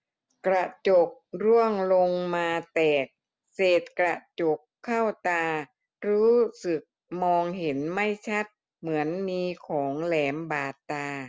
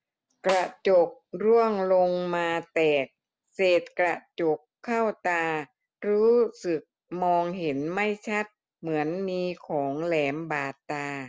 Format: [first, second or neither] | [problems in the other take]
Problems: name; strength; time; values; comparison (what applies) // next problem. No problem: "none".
first | background sound (Snare drum); 12 dB below the speech